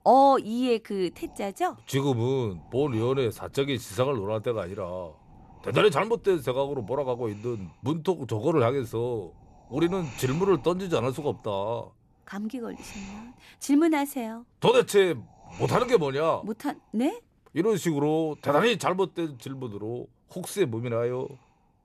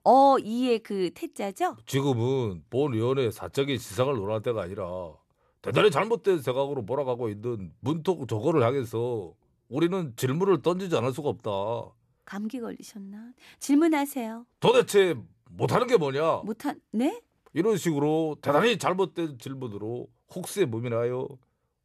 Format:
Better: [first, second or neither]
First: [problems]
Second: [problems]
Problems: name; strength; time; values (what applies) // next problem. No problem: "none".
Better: second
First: wind noise on the microphone; occasional gusts; 20 dB below the speech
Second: none